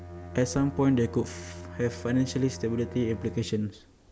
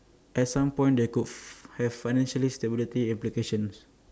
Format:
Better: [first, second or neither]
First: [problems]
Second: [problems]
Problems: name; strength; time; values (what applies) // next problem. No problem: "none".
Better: second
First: background sound (Bowed string instrument); 13 dB below the speech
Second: none